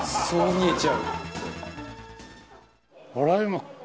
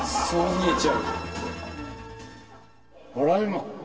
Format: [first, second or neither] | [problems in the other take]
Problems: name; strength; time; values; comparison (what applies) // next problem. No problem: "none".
first | room echo; dies away in 2.4 s